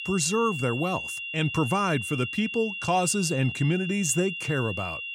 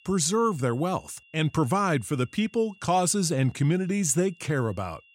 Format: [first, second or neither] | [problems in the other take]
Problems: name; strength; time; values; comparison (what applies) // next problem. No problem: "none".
second | high-pitched whine; loud; throughout; 3 kHz, 6 dB below the speech; faint in the second